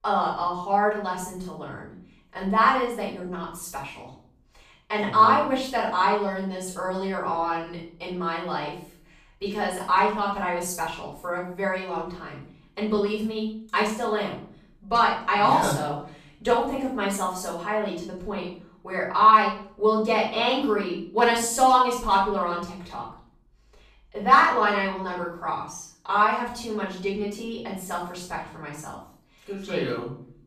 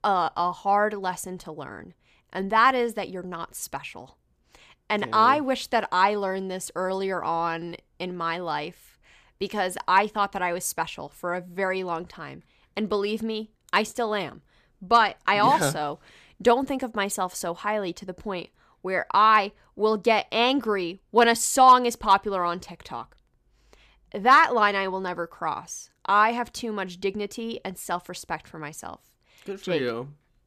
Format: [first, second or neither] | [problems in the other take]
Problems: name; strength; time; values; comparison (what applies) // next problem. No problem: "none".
second | off-mic speech; far // room echo; noticeable; dies away in 0.5 s